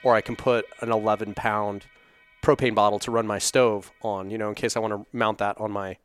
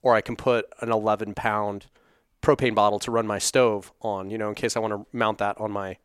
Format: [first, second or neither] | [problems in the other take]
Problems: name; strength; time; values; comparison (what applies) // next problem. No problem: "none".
second | background music; faint; throughout; 25 dB below the speech